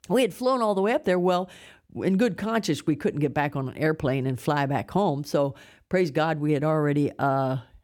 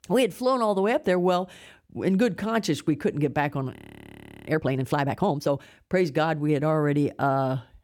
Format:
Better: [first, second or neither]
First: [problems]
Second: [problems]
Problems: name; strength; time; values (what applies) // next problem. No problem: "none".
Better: first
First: none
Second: audio freezing; at 4 s for 0.5 s